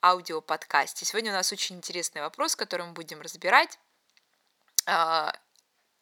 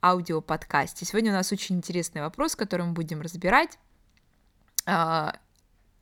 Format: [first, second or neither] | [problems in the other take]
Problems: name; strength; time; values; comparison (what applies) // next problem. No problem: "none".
second | thin; very; fading below 550 Hz